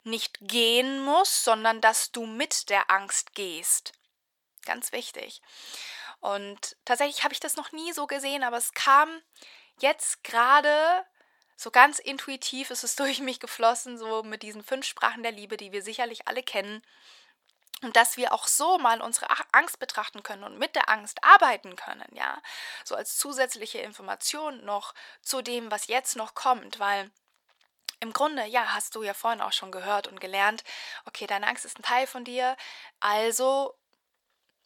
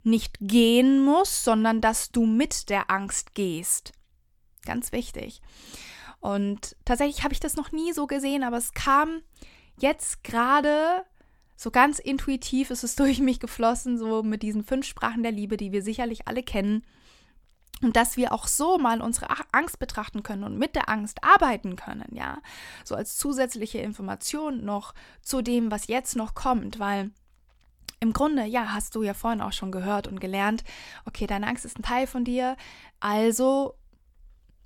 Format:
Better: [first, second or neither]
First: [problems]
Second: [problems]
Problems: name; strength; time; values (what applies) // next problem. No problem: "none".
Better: second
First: thin; very; fading below 650 Hz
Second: none